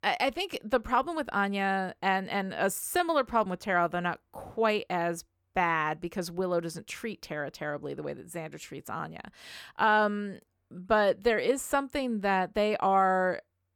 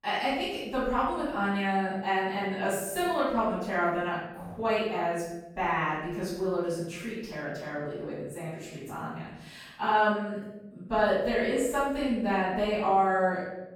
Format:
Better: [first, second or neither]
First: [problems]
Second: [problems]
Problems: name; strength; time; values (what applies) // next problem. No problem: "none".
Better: first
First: none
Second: off-mic speech; far // room echo; strong; dies away in 0.9 s